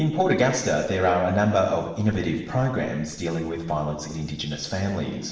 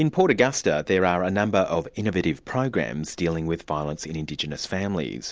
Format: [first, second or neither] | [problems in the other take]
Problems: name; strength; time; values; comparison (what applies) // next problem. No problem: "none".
second | noise reduction (neural separator model SepFormer DNS4)